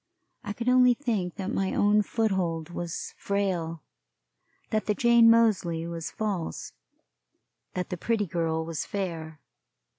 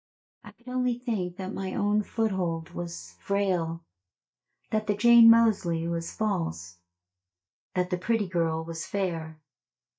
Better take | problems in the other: first | noise reduction (neural mask model DeepFilterNet 3)

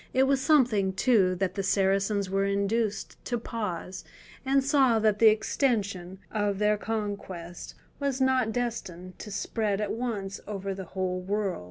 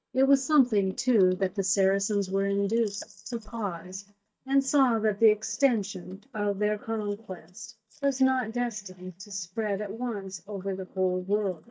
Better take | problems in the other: first | noise reduction (neural mask model DeepFilterNet 3)

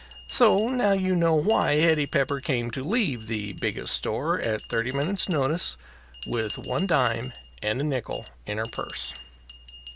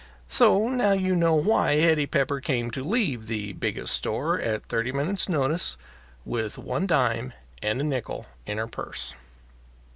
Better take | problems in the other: second | background sound (Bell); 18 dB below the speech

